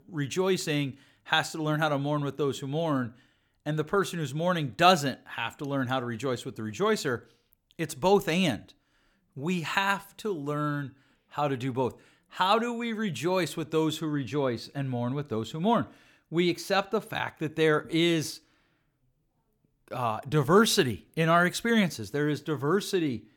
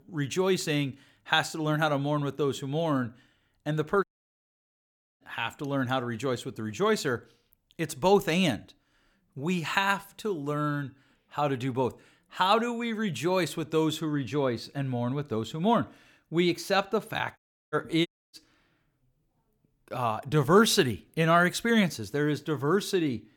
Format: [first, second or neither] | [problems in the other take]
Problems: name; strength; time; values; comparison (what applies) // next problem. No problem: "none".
first | audio cutting out; at 4 s for 1 s, at 17 s and at 18 s